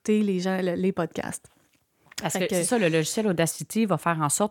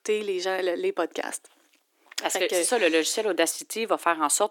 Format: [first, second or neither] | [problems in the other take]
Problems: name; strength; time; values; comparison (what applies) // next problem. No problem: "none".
first | thin; very; fading below 300 Hz